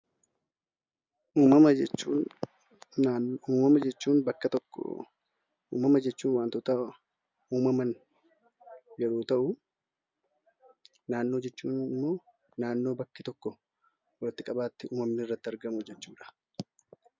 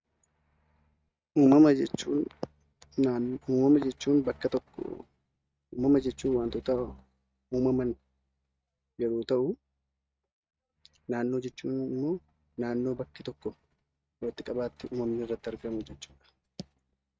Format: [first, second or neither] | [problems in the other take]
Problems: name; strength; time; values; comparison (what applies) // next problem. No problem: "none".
first | noise reduction (neural mask model RNNoise)